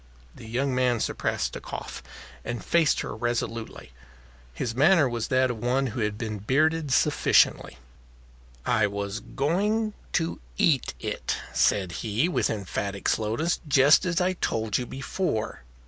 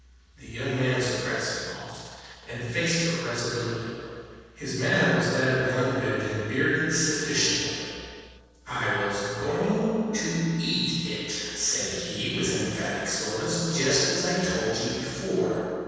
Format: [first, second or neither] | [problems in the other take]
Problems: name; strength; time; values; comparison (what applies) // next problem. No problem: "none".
first | noise reduction (neural separator model SepFormer DNS4)